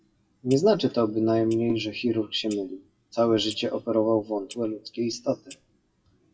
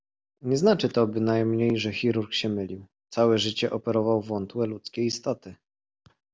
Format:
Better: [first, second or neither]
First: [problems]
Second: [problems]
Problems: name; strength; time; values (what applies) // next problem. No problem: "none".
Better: second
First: noise reduction (classical method WPE with log-MMSE)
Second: none